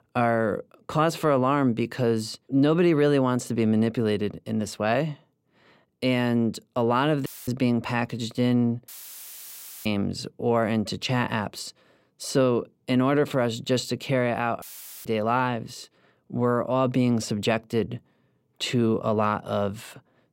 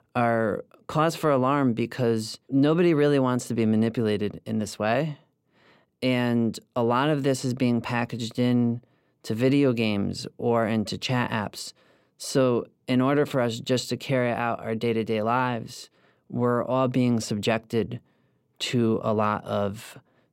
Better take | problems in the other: second | audio cutting out; filled with static; at 7.5 s, at 9 s for 1 s and at 15 s

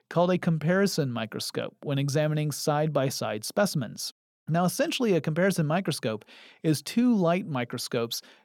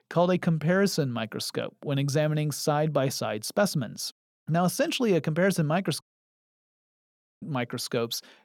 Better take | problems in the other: first | audio cutting out; at 6 s for 1.5 s

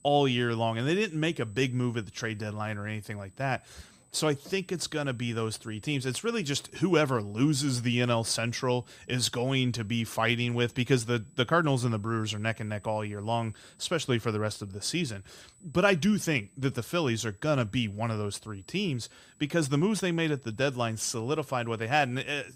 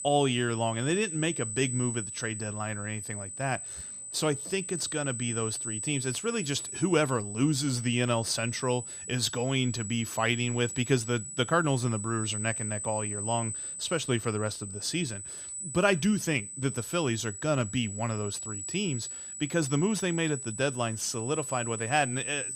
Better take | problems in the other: first | high-pitched whine; loud; throughout; 8 kHz, 6 dB below the speech; faint in the first

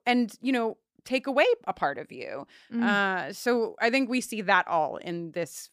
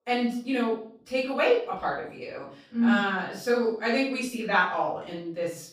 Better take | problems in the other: first | off-mic speech; far // room echo; noticeable; dies away in 0.5 s

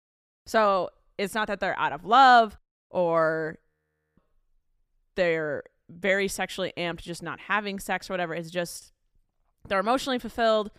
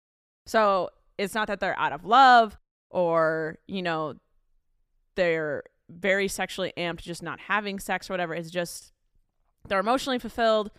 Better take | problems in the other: second | audio freezing; at 3.5 s for 0.5 s

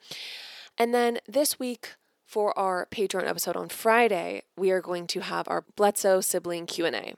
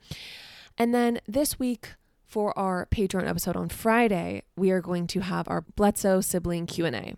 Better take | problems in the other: second | thin; somewhat; fading below 400 Hz

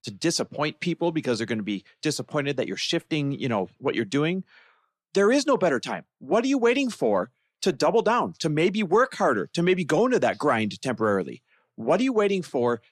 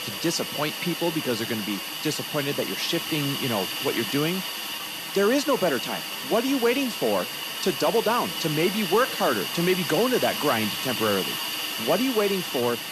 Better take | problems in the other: first | hiss; loud; throughout; 3 dB below the speech

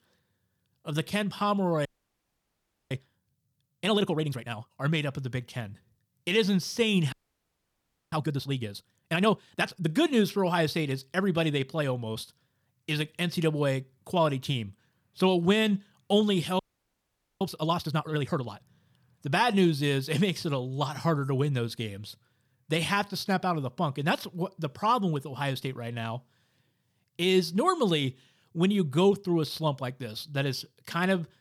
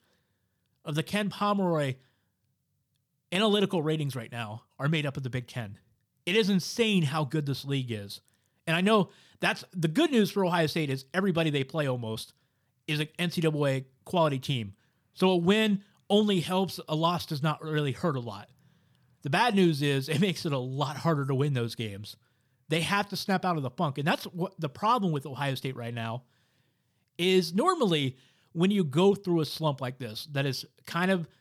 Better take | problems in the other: second | audio freezing; at 2 s for 1 s, at 7 s for 1 s and at 17 s for 1 s

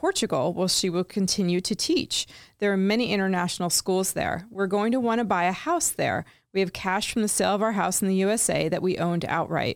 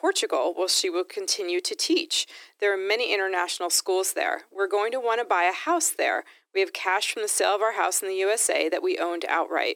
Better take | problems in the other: first | thin; very; fading below 300 Hz

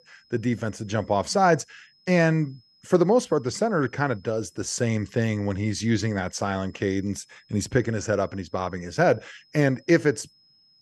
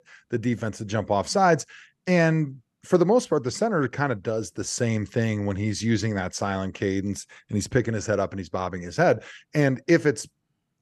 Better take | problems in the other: second | high-pitched whine; faint; throughout; 5 kHz, 35 dB below the speech

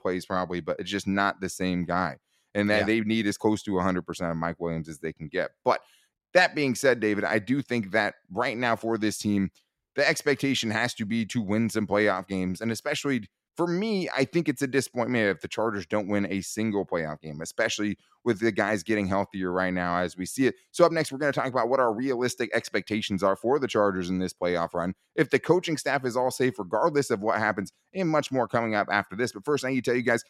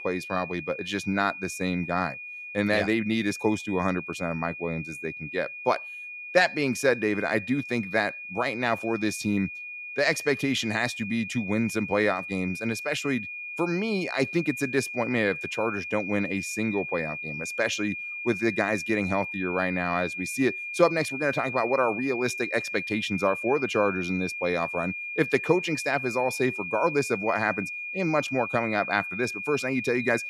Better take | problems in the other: first | high-pitched whine; loud; throughout; 2.5 kHz, 6 dB below the speech

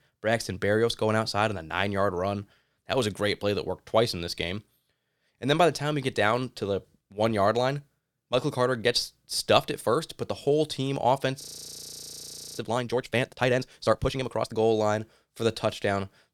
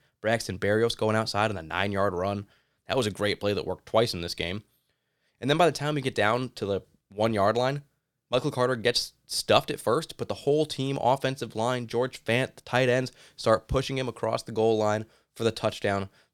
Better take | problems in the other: second | audio freezing; at 11 s for 1 s

